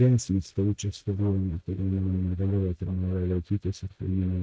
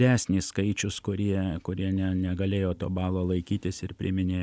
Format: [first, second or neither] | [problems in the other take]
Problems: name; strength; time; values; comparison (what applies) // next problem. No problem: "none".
second | noise reduction (neural mask model DeepFilterNet 3)